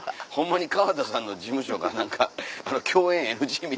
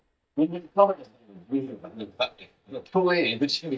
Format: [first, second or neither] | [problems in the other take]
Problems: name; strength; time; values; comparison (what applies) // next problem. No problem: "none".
first | noise reduction (neural mask model DeepFilterNet 3)